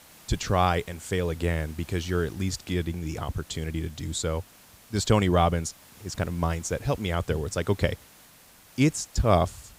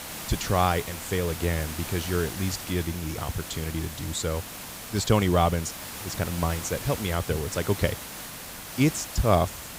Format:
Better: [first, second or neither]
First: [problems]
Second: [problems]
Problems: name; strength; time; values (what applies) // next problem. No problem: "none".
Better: first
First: hiss; faint; throughout; 25 dB below the speech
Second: hiss; loud; throughout; 8 dB below the speech